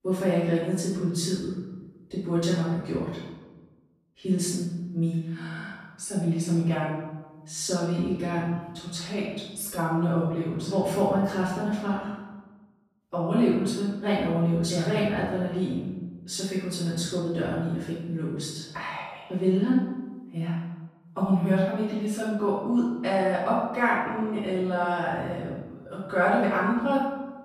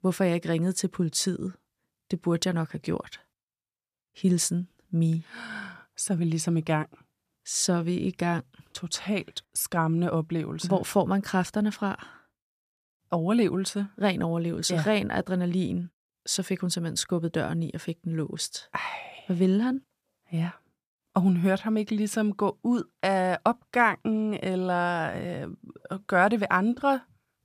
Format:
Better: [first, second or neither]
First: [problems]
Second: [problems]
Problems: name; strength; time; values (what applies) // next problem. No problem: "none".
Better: second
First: off-mic speech; far // room echo; strong; dies away in 1.1 s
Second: none